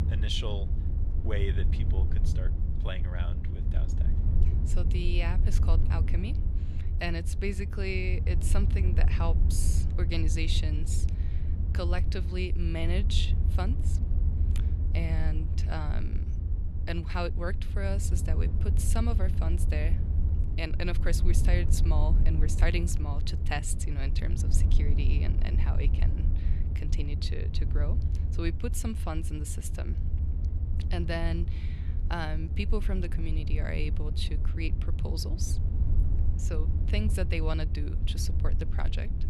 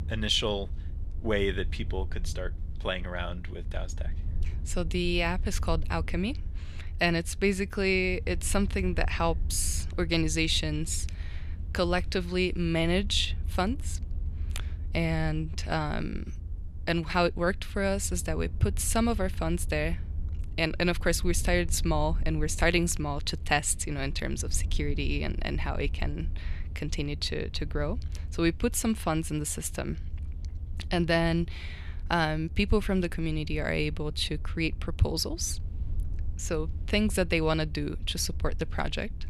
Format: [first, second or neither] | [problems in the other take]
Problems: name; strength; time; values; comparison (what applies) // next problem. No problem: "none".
second | low rumble; loud; throughout; 8 dB below the speech; faint in the second